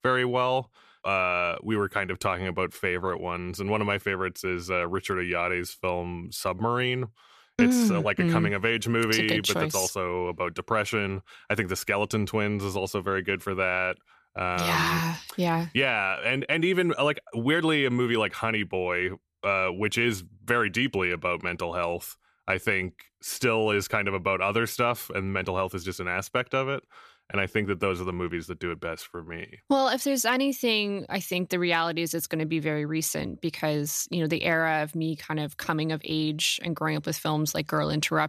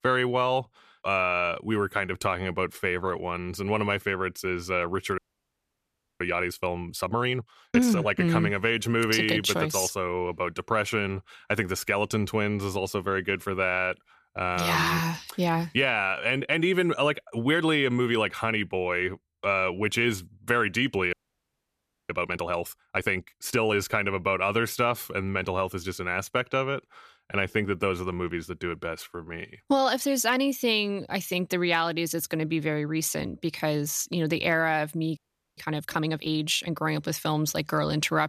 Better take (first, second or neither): first